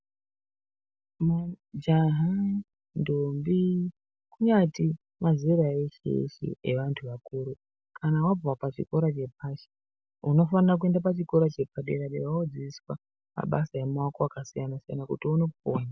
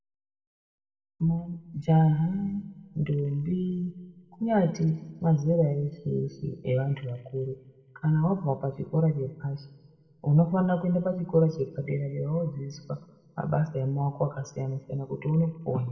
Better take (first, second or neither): first